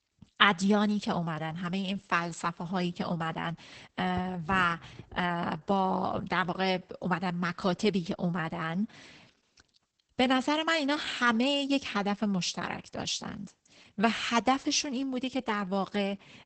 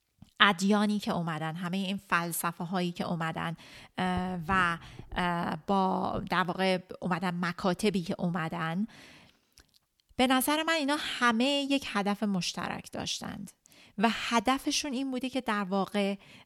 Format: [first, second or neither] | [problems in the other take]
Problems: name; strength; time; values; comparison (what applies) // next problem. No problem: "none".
second | garbled, watery; badly; nothing above 8 kHz